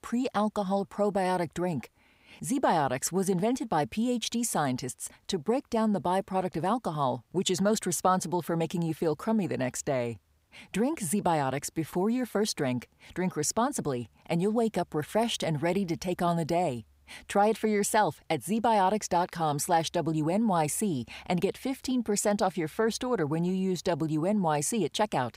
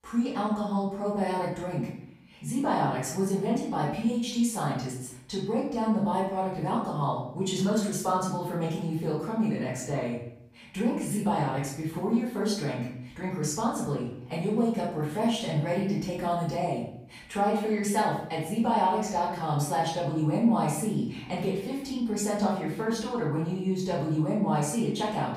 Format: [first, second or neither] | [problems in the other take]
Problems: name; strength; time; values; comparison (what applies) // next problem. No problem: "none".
first | off-mic speech; far // room echo; noticeable; dies away in 0.6 s